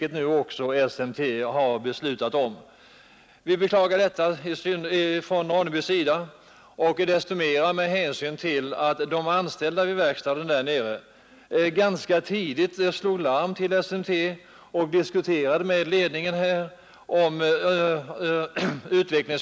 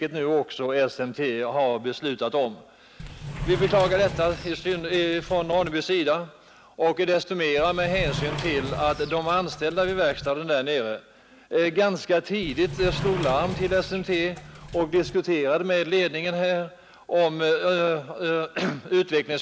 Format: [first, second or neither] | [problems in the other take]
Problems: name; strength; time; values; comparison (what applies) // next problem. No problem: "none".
first | background sound (Sliding door); 9 dB below the speech